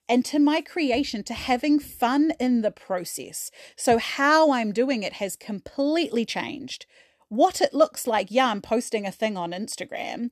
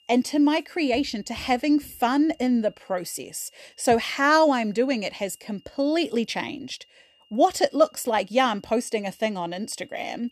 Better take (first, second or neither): first